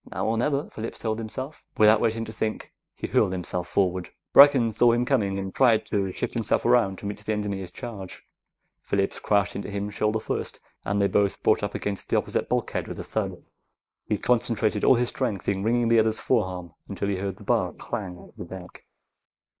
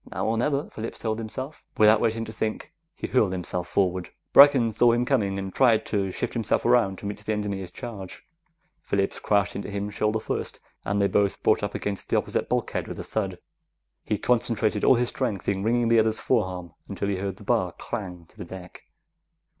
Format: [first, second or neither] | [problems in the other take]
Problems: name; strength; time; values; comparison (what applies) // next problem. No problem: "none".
second | noise reduction (neural mask model Resemble Enhance denoiser)